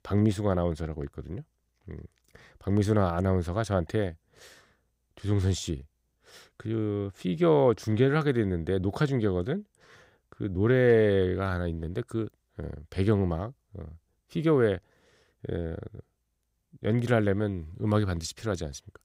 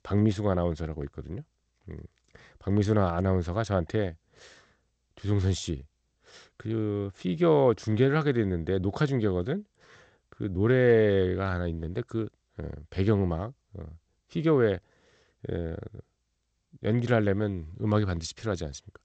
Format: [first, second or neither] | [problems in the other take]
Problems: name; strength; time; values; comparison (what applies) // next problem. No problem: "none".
first | garbled, watery; slightly; nothing above 7.5 kHz